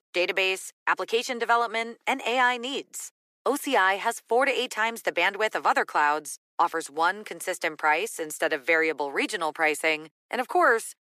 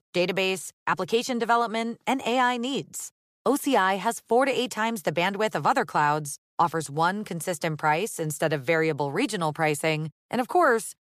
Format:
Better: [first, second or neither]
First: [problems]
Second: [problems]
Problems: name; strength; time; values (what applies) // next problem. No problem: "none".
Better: second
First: thin; somewhat; fading below 300 Hz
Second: none